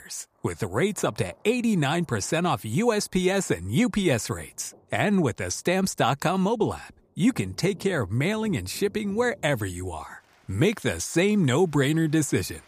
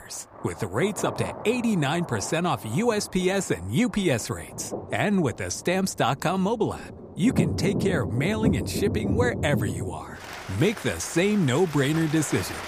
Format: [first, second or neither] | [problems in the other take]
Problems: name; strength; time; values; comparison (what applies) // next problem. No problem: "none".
first | rain or running water; loud; throughout; 7 dB below the speech; faint in the first